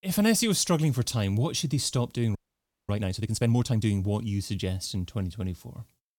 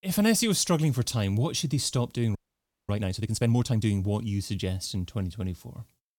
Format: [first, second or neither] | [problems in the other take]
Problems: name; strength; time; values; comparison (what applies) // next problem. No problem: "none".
neither | audio freezing; at 2.5 s for 0.5 s; the same in both